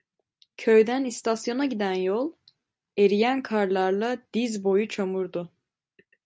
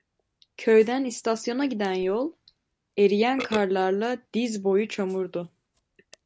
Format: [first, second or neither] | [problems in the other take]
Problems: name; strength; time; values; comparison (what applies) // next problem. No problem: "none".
first | background sound (Burping, eructation); 20 dB below the speech